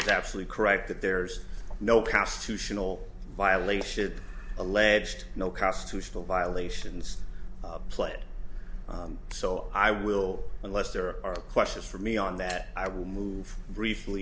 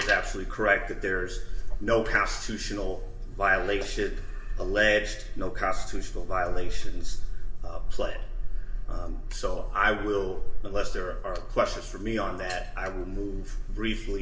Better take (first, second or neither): first